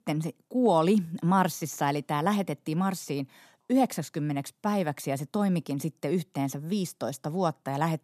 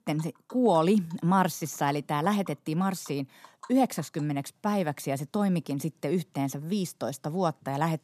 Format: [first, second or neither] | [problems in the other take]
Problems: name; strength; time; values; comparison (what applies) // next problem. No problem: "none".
first | animal sounds; faint; throughout; 25 dB below the speech